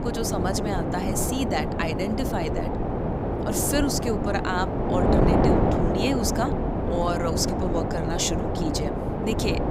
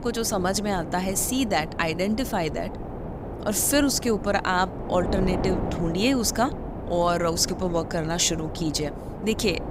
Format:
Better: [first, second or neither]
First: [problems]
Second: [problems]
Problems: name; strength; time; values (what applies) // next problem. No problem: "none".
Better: second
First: wind noise on the microphone; heavy; 1 dB above the speech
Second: wind noise on the microphone; occasional gusts; 10 dB below the speech